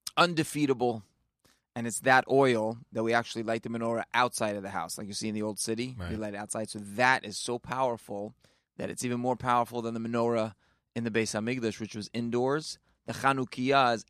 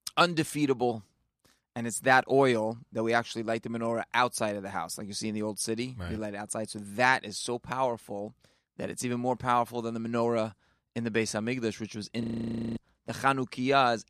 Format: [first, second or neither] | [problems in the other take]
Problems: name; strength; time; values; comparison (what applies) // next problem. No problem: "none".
first | audio freezing; at 12 s for 0.5 s